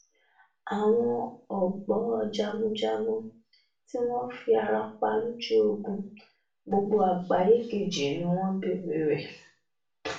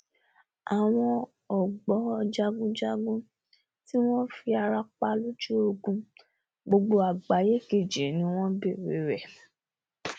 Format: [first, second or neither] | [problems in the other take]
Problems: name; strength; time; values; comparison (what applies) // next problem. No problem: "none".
second | room echo; dies away in 0.3 s